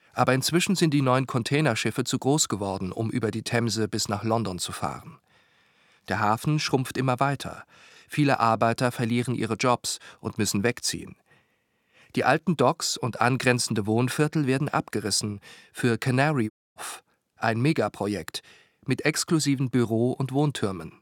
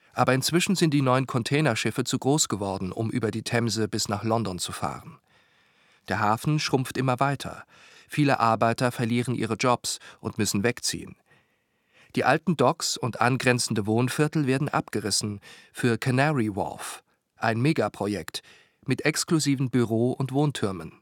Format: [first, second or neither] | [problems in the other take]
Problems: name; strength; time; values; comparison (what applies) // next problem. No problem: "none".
second | audio cutting out; at 17 s